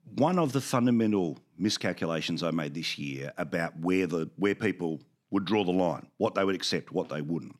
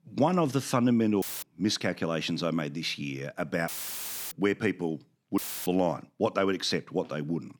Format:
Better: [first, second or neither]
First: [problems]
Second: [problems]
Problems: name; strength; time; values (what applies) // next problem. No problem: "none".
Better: first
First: none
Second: audio cutting out; filled with static; at 1 s, at 3.5 s for 0.5 s and at 5.5 s